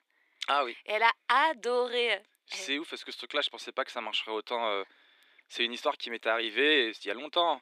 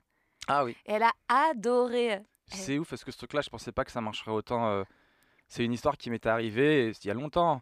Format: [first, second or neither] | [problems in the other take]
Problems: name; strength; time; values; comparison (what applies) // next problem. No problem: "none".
second | thin; somewhat; fading below 300 Hz